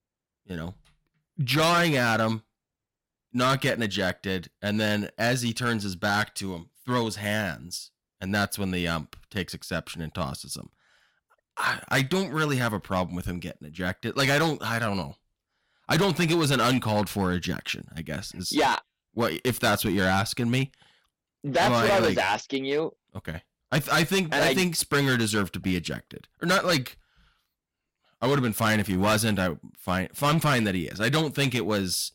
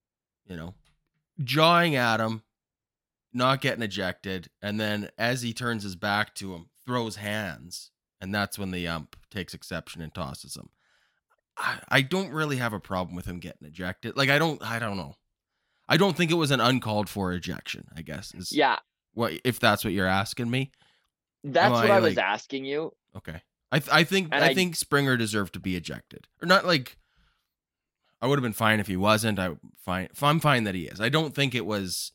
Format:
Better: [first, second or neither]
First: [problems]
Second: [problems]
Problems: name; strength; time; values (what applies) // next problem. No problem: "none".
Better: second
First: distortion; heavy; 7% of the sound clipped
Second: none